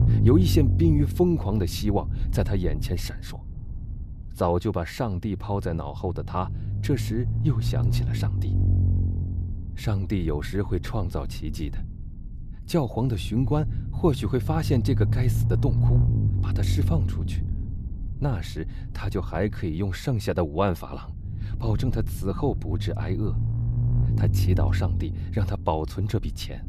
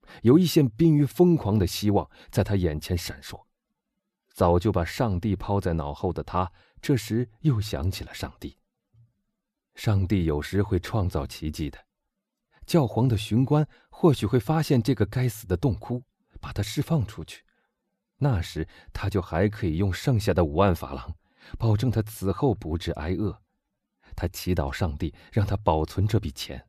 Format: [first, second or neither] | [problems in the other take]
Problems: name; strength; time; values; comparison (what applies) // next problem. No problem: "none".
second | low rumble; loud; throughout; 10 dB below the speech